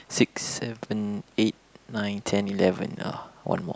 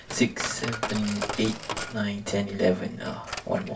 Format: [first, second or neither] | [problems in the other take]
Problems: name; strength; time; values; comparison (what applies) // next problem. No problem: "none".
first | background sound (Coin (dropping)); 7 dB below the speech // room echo; dies away in 0.2 s